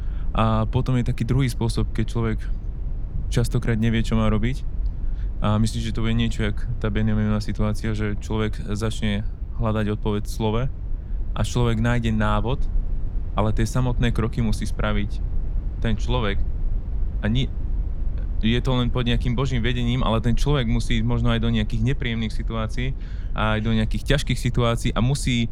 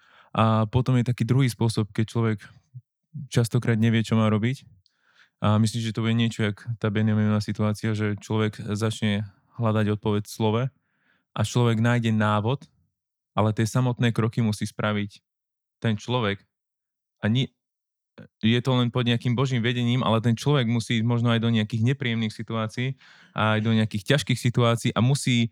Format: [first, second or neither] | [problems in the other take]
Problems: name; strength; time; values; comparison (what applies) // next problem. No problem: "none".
second | low rumble; noticeable; throughout; 20 dB below the speech